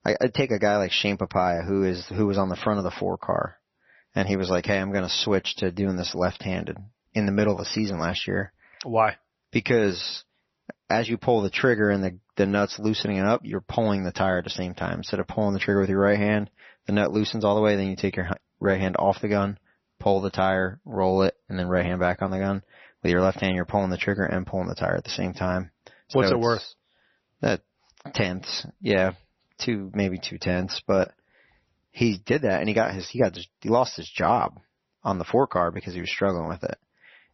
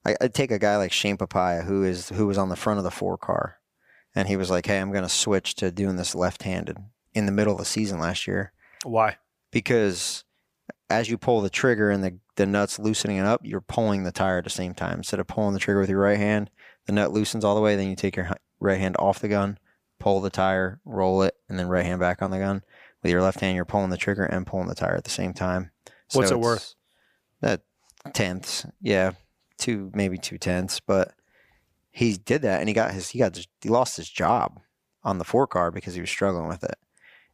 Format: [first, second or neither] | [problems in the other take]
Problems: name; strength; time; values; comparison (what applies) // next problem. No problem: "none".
second | garbled, watery; slightly; nothing above 6 kHz